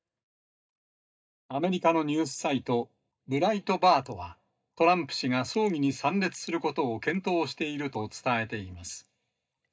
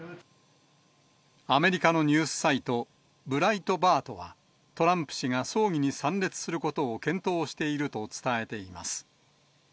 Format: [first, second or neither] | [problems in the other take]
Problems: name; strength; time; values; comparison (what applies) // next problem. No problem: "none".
second | noise reduction (neural mask model DeepFilterNet 3)